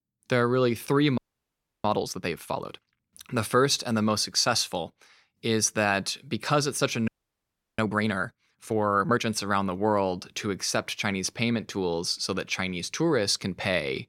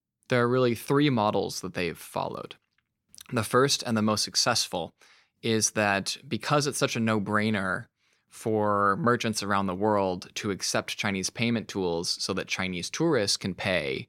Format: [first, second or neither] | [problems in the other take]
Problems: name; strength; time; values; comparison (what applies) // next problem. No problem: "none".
second | audio freezing; at 1 s for 0.5 s and at 7 s for 0.5 s